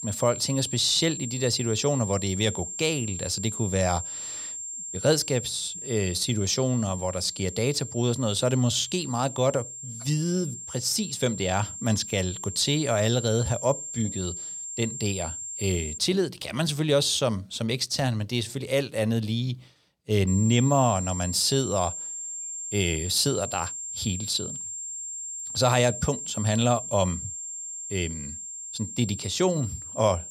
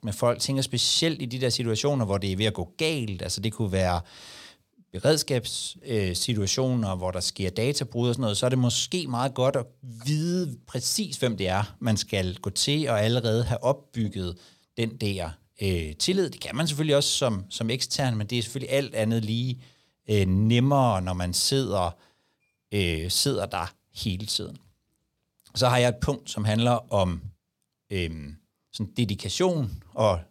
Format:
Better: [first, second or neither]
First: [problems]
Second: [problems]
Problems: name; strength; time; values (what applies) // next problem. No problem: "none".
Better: second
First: high-pitched whine; loud; until 16 s and from 20 s on; 7.5 kHz, 7 dB below the speech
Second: none